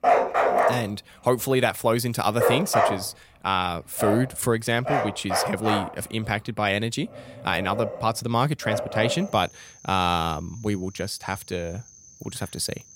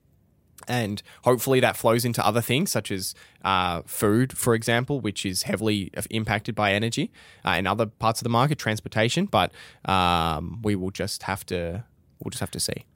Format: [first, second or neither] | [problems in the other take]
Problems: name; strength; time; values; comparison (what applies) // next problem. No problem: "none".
second | animal sounds; loud; throughout; as loud as the speech